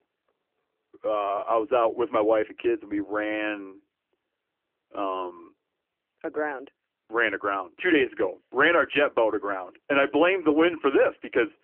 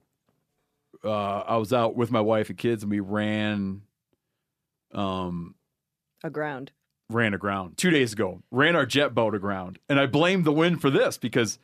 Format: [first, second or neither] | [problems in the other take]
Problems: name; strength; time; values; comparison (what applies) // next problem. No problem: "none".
second | phone-call audio; nothing above 3 kHz